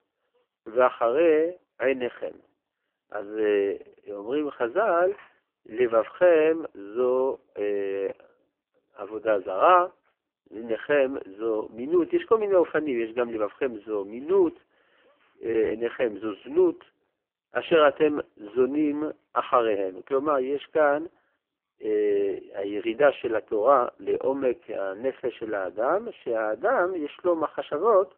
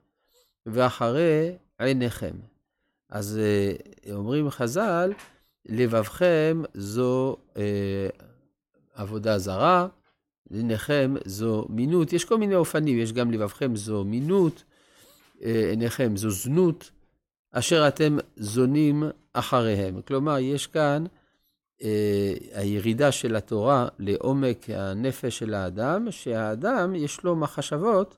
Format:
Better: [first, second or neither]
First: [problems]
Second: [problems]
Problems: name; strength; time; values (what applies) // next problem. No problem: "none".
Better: second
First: phone-call audio; poor line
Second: none